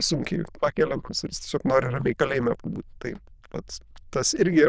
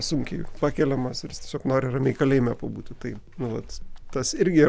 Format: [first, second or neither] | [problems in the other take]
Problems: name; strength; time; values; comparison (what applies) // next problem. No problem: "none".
second | noise reduction (neural diffusion model UNIVERSE++)